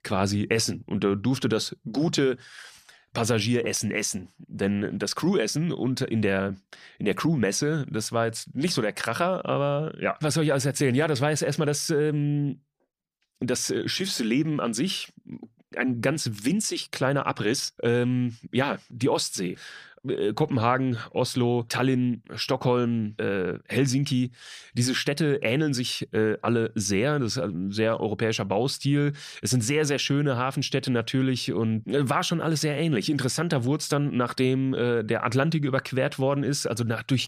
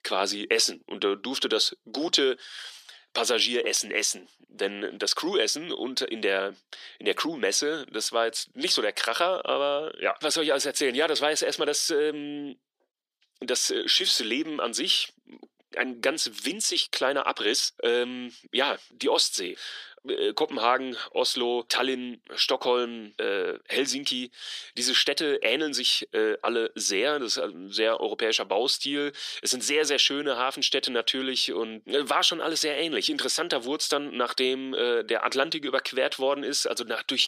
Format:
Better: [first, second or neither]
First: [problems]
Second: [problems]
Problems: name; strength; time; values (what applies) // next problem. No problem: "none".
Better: first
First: none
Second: thin; somewhat; fading below 350 Hz